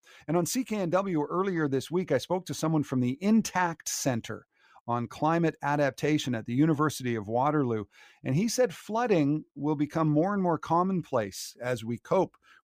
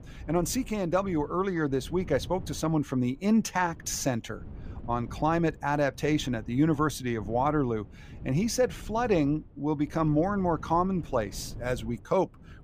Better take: first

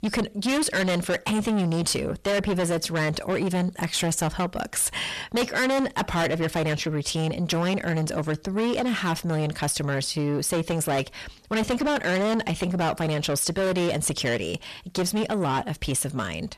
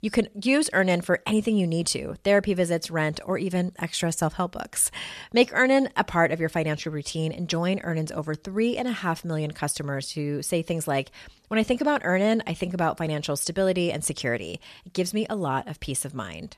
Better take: second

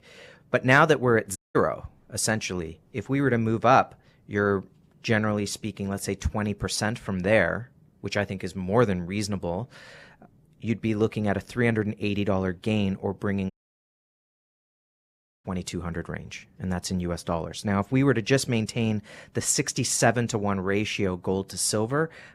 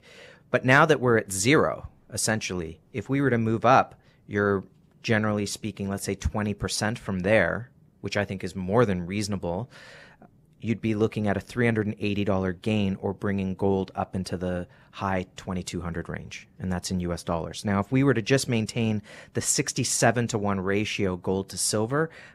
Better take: second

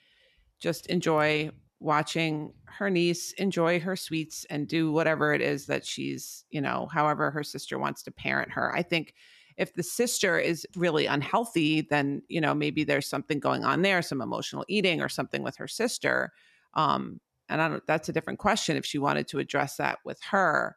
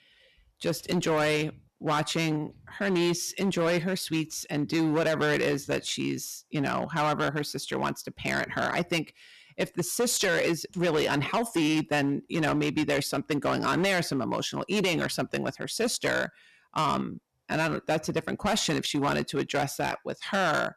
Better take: first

